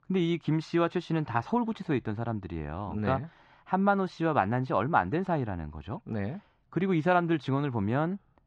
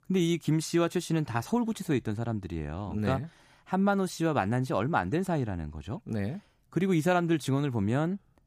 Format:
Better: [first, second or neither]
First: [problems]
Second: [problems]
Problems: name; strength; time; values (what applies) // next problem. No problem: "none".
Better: second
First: muffled; slightly; fading above 4 kHz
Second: none